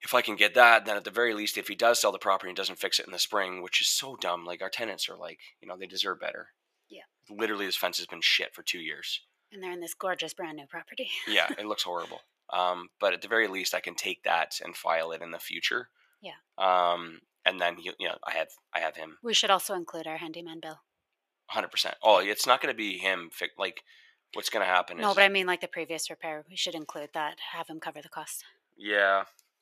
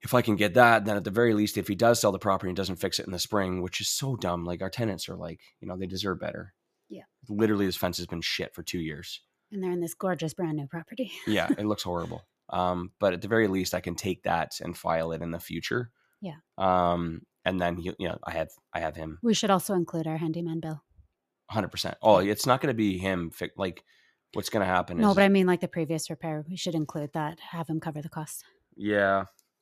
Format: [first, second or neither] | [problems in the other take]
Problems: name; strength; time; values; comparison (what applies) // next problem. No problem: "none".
second | thin; very; fading below 550 Hz